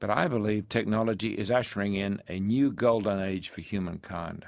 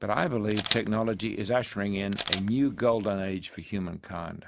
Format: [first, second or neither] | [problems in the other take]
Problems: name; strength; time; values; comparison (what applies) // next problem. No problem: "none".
first | background sound (Camera); 9 dB below the speech